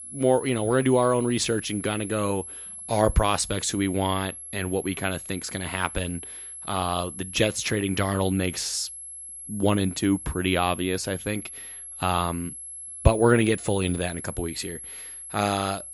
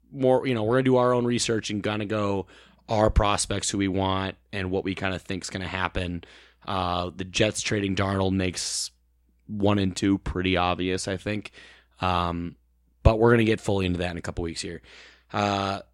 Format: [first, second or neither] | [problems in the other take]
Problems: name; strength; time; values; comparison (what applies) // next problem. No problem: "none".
second | high-pitched whine; noticeable; throughout; 11 kHz, 10 dB below the speech